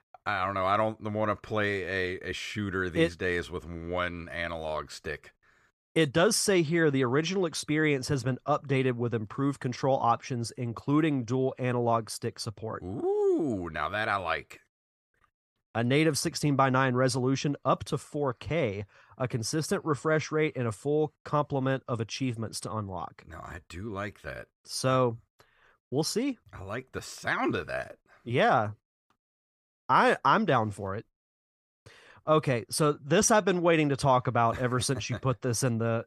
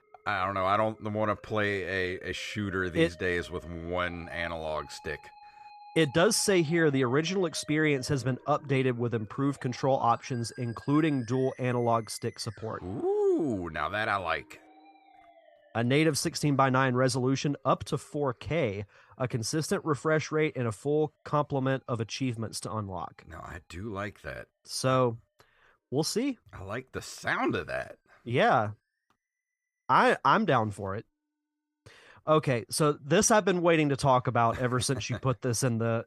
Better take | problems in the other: first | background music; faint; throughout; 25 dB below the speech

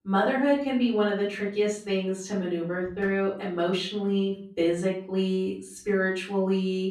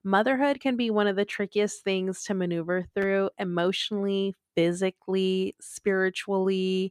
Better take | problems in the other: second | off-mic speech; far // room echo; slight; dies away in 0.4 s

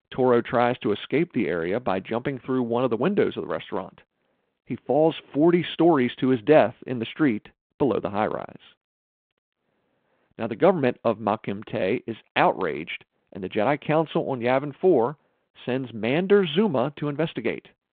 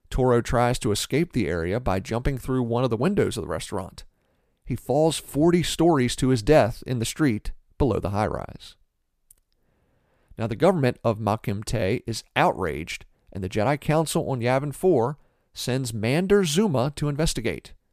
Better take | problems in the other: second | phone-call audio; nothing above 3.5 kHz

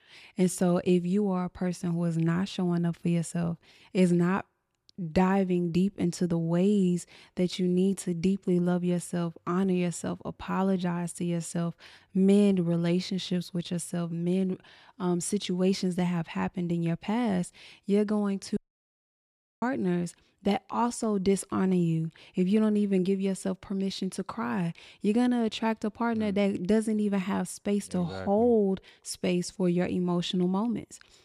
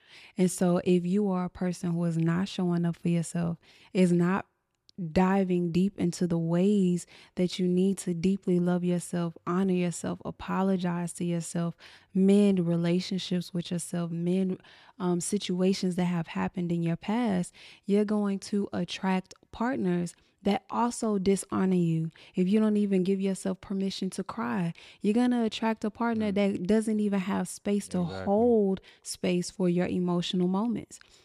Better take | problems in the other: second | audio cutting out; at 19 s for 1 s

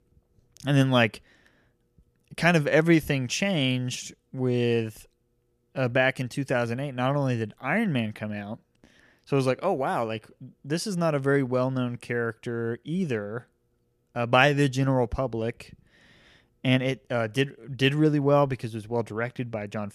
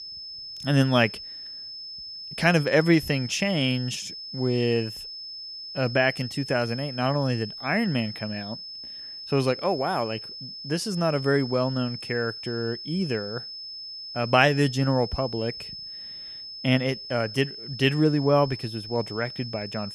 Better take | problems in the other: first | high-pitched whine; noticeable; throughout; 5 kHz, 10 dB below the speech

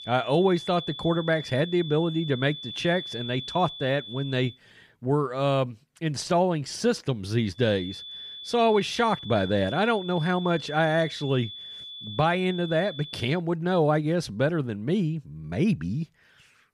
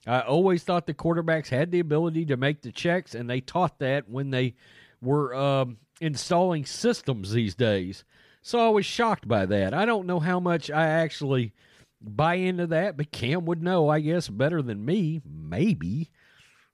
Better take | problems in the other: second | high-pitched whine; noticeable; until 4.5 s and from 7.5 to 13 s; 3.5 kHz, 10 dB below the speech

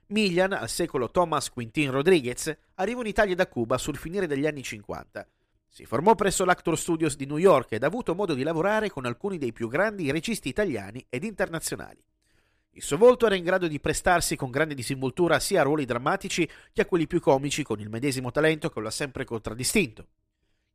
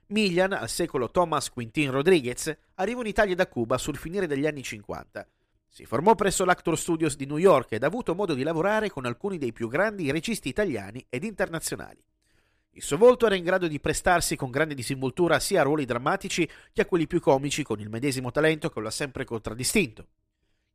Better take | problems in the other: neither | none

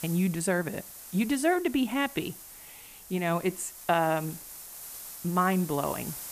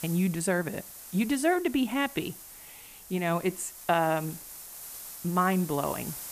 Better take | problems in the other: neither | hiss; noticeable; throughout; 15 dB below the speech; the same in both

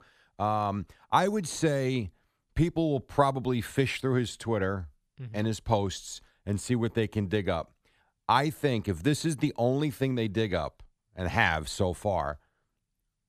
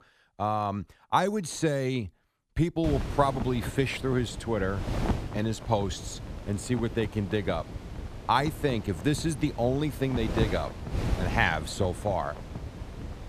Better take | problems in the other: first | wind noise on the microphone; occasional gusts; from 3 s on; 10 dB below the speech

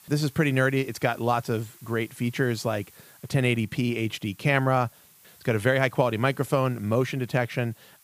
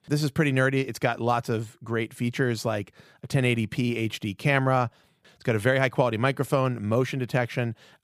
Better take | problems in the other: second | hiss; faint; throughout; 25 dB below the speech

